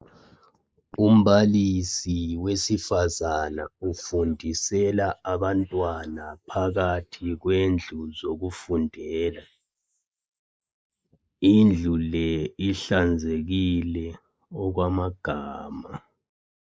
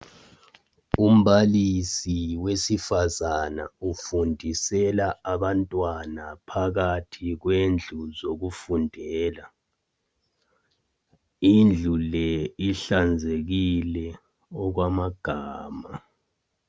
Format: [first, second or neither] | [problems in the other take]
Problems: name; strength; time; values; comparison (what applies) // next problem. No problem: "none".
second | noise reduction (neural mask model Resemble Enhance denoiser)